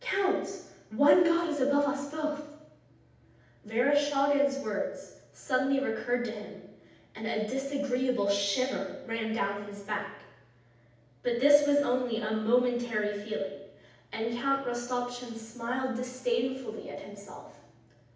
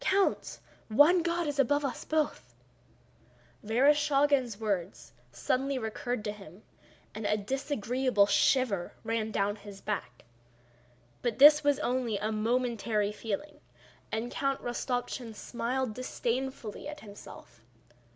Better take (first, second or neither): second